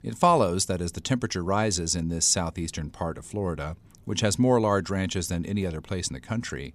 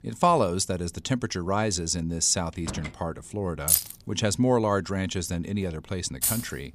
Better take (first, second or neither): first